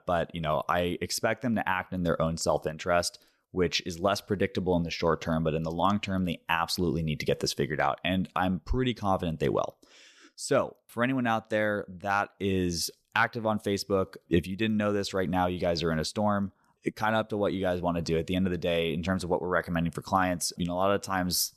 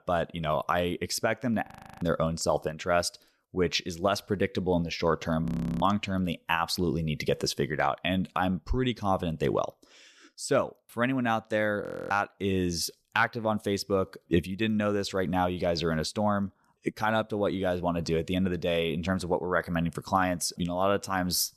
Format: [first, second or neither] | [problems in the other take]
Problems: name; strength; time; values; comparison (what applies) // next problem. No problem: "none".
first | audio freezing; at 1.5 s, at 5.5 s and at 12 s